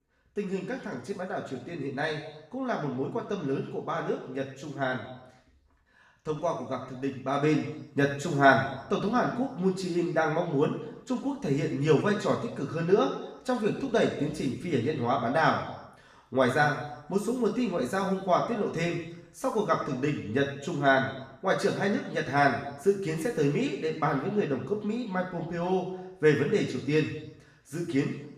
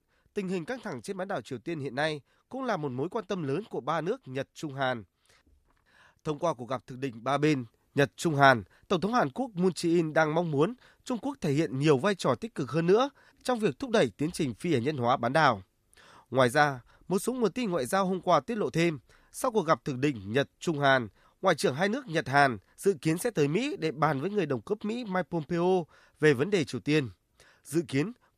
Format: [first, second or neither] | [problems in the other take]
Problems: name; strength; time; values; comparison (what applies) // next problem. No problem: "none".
second | room echo; noticeable; dies away in 0.9 s // off-mic speech; far